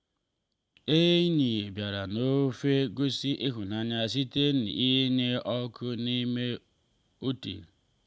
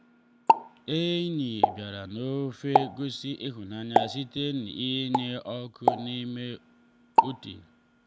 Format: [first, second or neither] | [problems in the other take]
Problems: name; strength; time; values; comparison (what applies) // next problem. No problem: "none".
first | background sound (Explosion); 3 dB above the speech